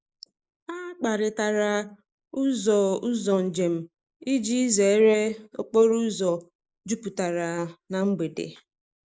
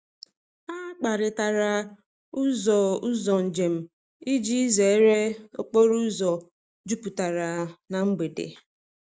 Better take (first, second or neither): second